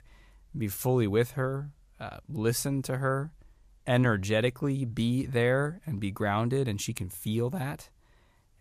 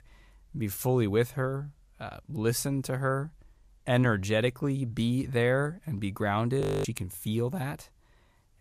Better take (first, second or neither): first